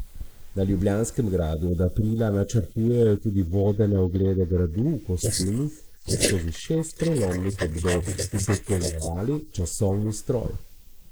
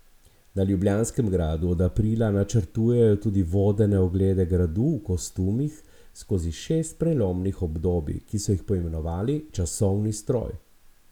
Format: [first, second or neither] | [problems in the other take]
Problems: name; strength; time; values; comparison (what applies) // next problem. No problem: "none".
second | noise reduction (neural mask model Resemble Enhance denoiser)